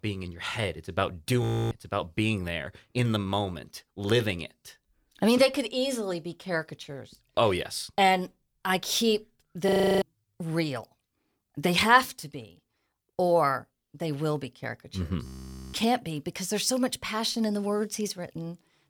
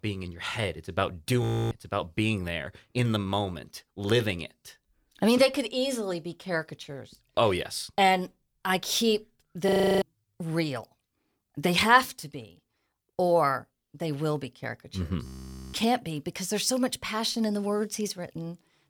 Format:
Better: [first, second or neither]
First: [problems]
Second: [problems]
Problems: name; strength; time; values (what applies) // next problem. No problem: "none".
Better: neither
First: audio freezing; at 1.5 s, at 9.5 s and at 15 s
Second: audio freezing; at 1.5 s, at 9.5 s and at 15 s